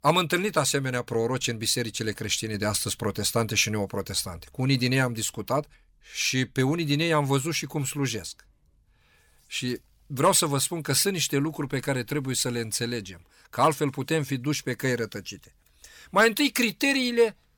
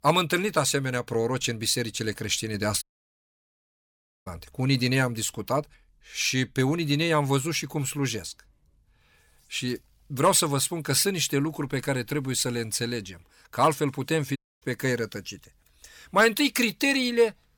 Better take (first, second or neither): first